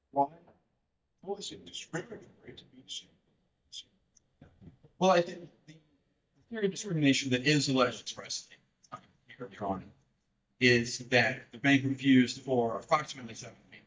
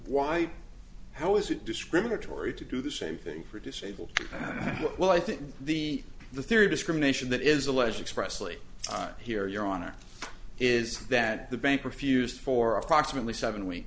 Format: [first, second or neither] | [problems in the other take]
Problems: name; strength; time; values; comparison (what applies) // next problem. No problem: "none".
second | noise reduction (neural mask model DeepFilterNet 3)